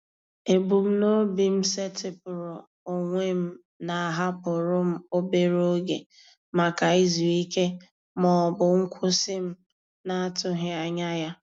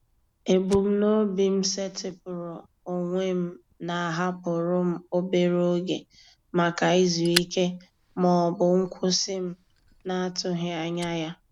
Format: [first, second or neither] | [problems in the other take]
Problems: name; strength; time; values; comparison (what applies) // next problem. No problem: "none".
first | background sound (Fire); 17 dB below the speech